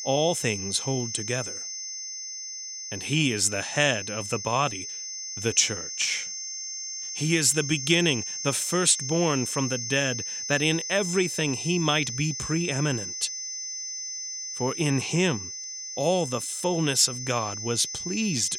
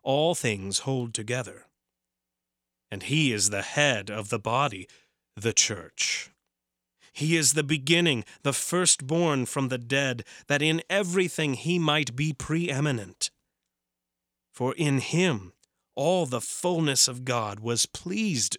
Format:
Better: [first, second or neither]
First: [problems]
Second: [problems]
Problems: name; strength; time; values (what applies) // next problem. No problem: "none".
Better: second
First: high-pitched whine; loud; throughout; 6 kHz, 6 dB below the speech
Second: none